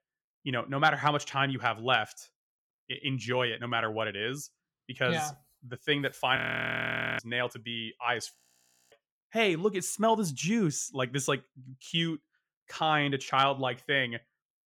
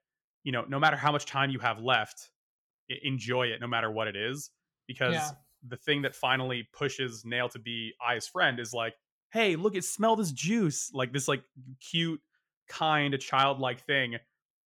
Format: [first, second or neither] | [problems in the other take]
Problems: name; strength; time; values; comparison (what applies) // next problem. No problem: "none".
second | audio freezing; at 6.5 s for 1 s and at 8.5 s for 0.5 s